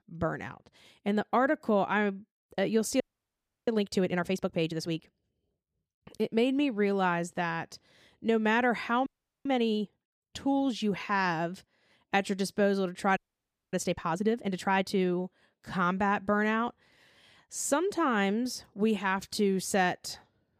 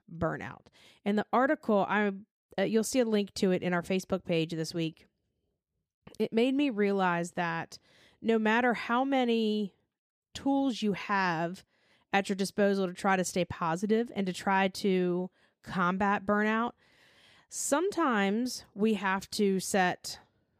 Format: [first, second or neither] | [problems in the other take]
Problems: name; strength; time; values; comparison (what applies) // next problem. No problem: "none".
second | audio freezing; at 3 s for 0.5 s, at 9 s and at 13 s for 0.5 s